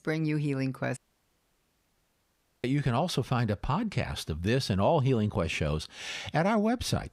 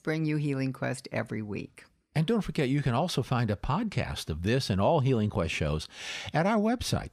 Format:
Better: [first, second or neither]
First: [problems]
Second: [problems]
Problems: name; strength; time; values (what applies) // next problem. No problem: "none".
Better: second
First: audio cutting out; at 1 s for 1.5 s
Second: none